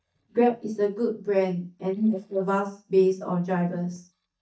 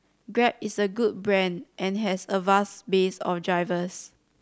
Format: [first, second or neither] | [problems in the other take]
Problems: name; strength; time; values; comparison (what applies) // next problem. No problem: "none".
second | noise reduction (neural mask model DeepFilterNet 3)